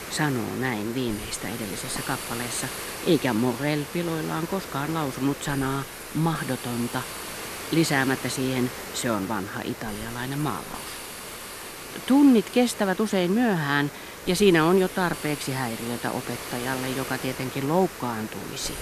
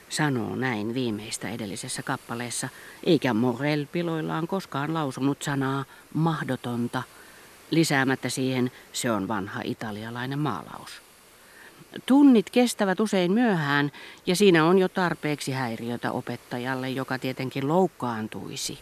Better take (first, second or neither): second